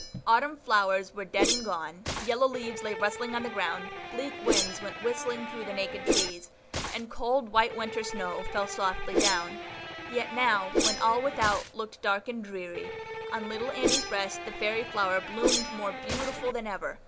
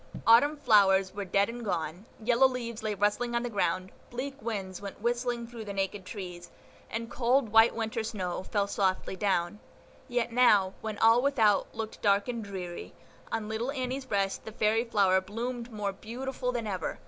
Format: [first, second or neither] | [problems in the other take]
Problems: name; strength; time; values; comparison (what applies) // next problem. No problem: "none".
second | background sound (Electric guitar + Whoosh, swoosh, swish); 3 dB below the speech